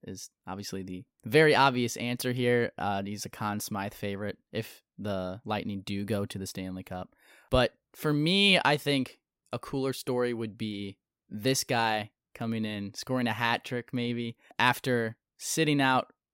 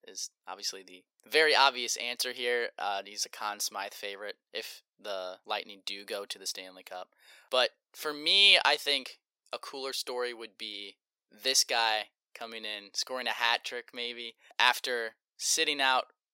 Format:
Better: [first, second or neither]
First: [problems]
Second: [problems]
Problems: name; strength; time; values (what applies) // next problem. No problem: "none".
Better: first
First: none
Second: thin; very; fading below 500 Hz